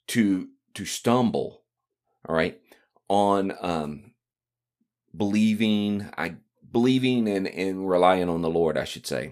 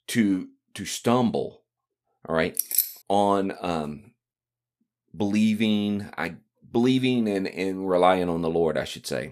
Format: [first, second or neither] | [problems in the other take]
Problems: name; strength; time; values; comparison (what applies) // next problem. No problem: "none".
first | jangling keys; loud; at 2.5 s; peak 2 dB above the speech